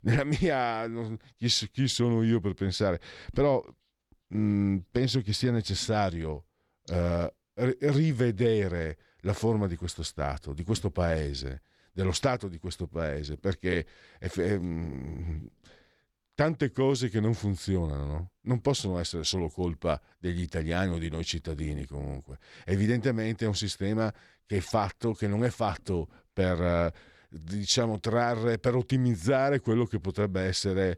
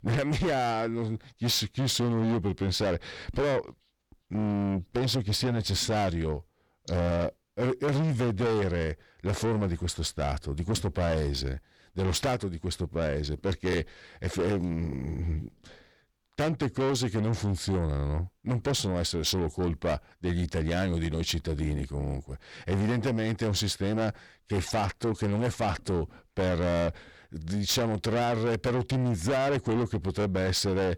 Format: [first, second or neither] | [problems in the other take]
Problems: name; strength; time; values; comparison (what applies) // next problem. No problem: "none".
first | distortion; heavy; 7 dB below the speech